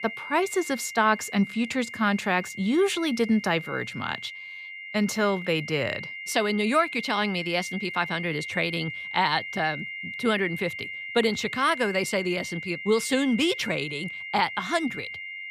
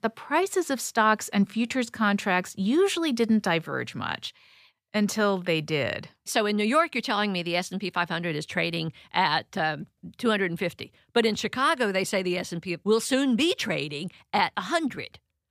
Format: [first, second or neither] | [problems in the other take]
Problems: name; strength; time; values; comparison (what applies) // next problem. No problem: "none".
second | high-pitched whine; loud; throughout; 2 kHz, 9 dB below the speech